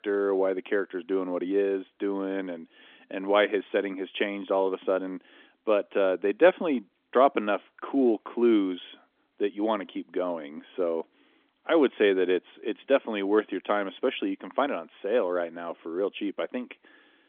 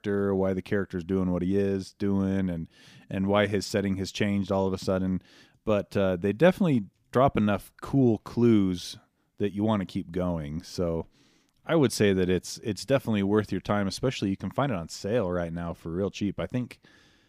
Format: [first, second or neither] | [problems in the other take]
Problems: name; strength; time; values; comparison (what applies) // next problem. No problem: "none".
second | phone-call audio; nothing above 3.5 kHz